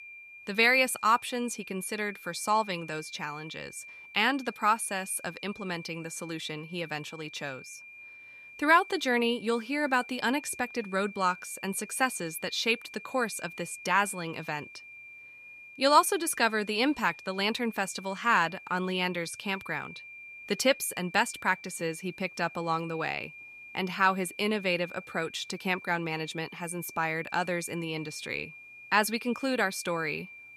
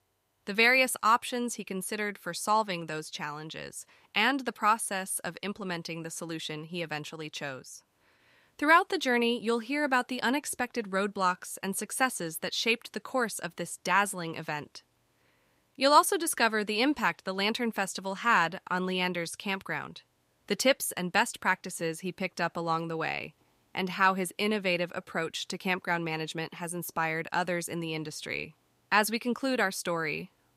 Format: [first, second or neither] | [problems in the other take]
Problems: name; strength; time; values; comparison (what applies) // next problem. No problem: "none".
second | high-pitched whine; noticeable; throughout; 2.5 kHz, 15 dB below the speech